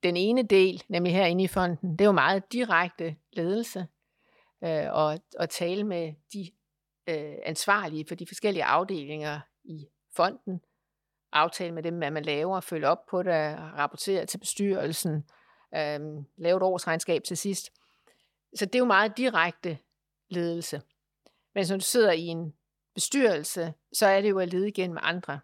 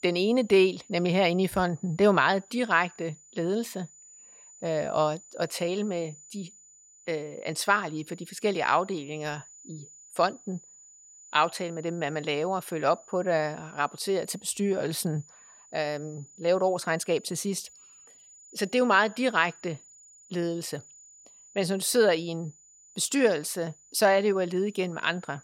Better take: first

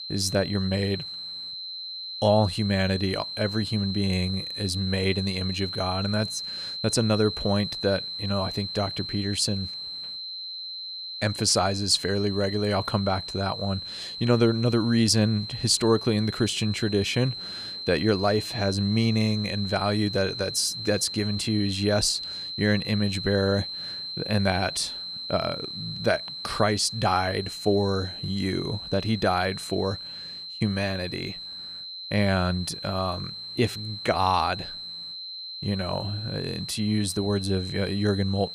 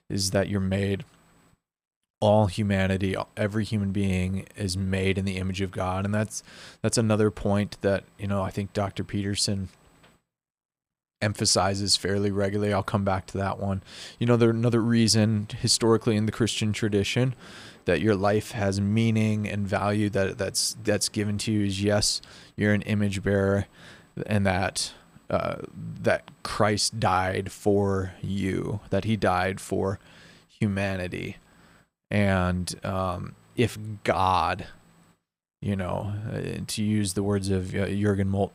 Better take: second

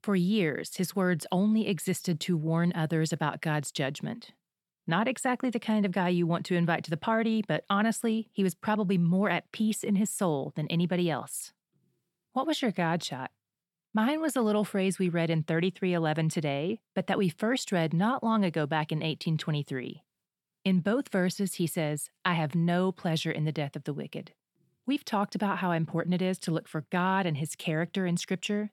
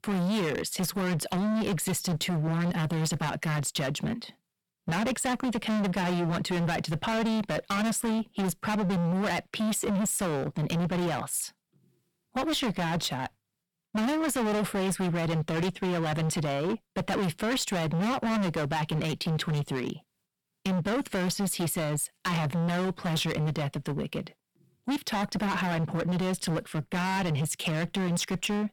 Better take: first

